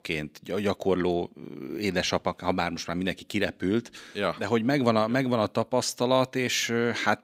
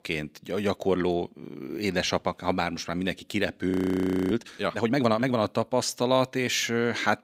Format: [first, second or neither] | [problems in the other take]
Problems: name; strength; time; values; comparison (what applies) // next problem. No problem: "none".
first | audio freezing; at 3.5 s for 0.5 s